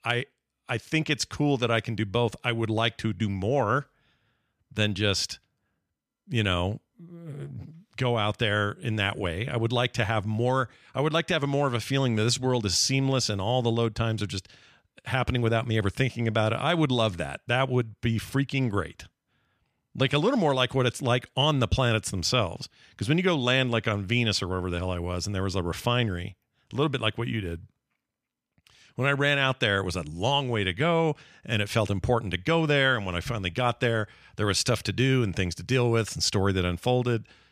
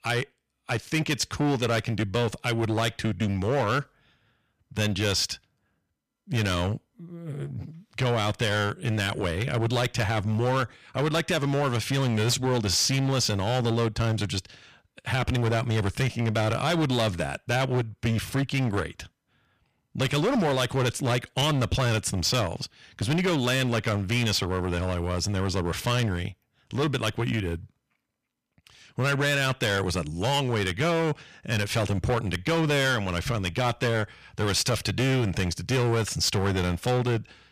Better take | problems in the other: first | distortion; heavy; 14% of the sound clipped

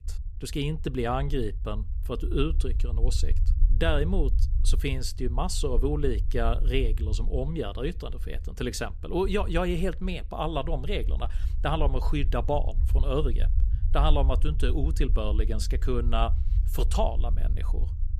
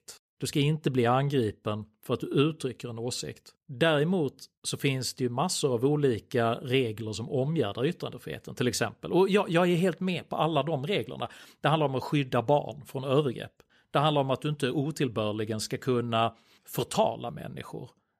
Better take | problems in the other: second | low rumble; noticeable; throughout; 20 dB below the speech

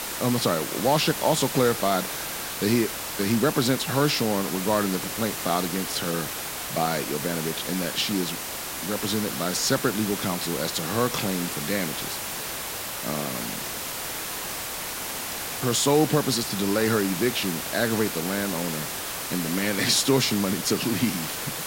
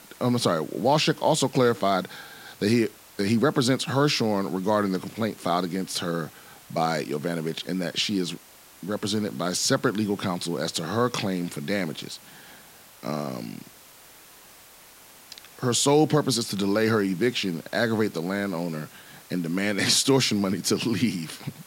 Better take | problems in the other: second | hiss; loud; throughout; 4 dB below the speech; faint in the second

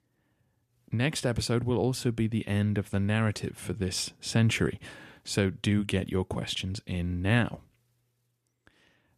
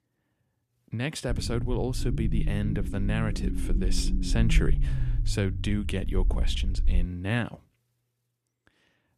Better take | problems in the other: first | low rumble; very faint; from 1.5 to 7 s; 9 dB below the speech

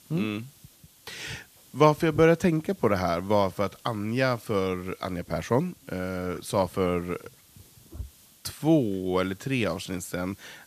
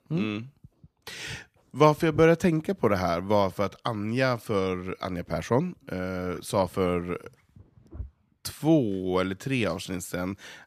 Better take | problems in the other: second | hiss; faint; throughout; 25 dB below the speech

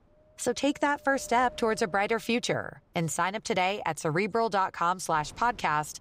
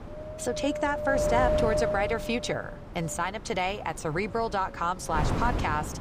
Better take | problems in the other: first | wind noise on the microphone; heavy; 1 dB below the speech; occasional gusts in the first

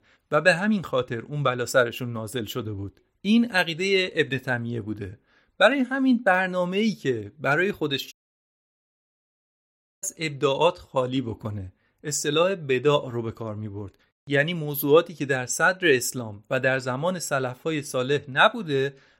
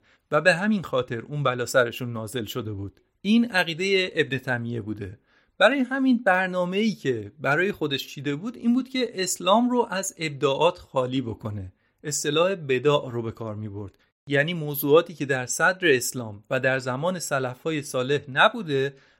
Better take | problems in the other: second | audio cutting out; at 8 s for 2 s

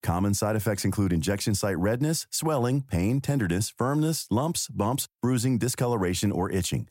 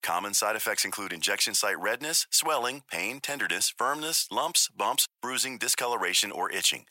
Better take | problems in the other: first | thin; very; fading below 850 Hz

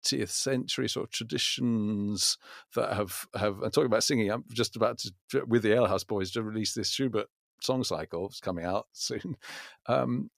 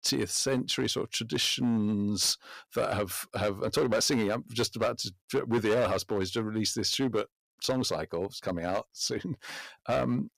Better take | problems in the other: first | distortion; slight; 6% of the sound clipped

